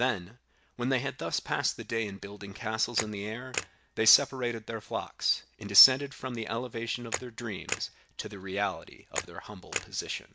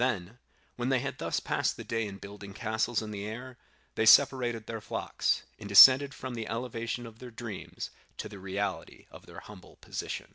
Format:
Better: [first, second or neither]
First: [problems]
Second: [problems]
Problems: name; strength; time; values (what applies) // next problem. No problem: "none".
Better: second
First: background sound (Camera); 10 dB below the speech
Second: none